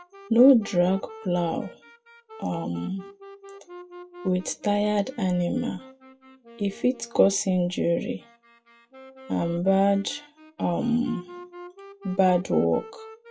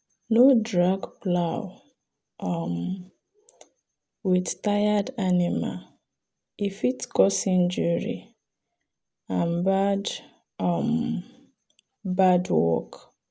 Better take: second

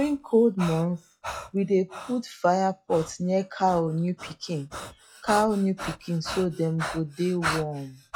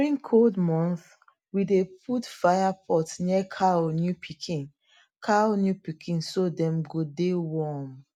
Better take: second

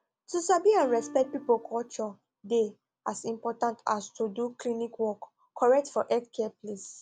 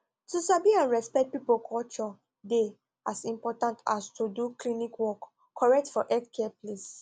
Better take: second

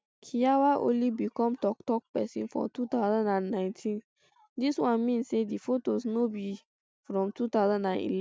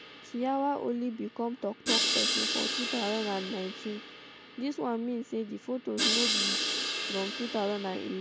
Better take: first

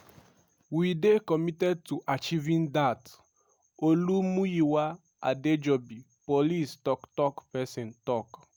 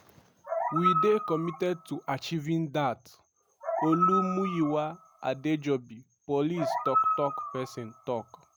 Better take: first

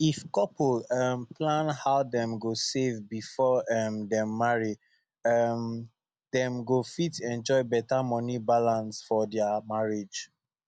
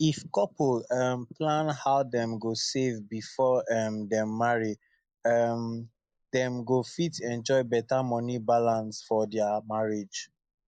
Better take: first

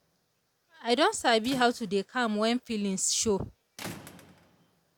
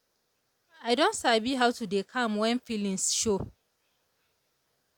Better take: second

